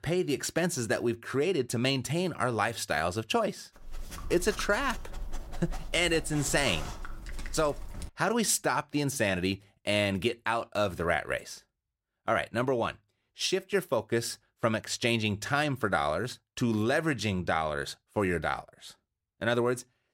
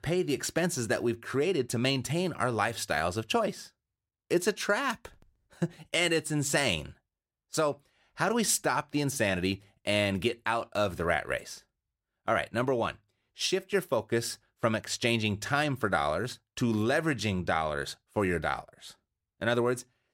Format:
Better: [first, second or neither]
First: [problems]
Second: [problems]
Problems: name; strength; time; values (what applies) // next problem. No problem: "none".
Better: second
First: dog barking; faint; from 4 to 8 s; peak 10 dB below the speech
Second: none